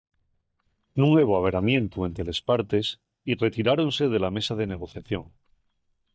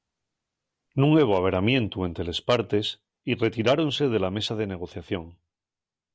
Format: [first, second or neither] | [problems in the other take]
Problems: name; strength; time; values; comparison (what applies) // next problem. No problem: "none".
second | noise reduction (neural mask model DeepFilterNet 3)